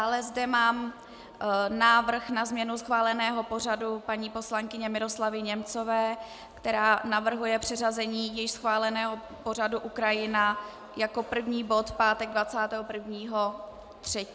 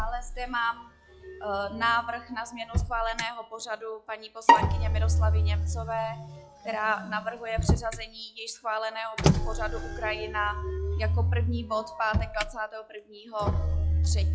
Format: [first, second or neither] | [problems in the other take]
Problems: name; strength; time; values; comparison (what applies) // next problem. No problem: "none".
first | noise reduction (classical method log-MMSE)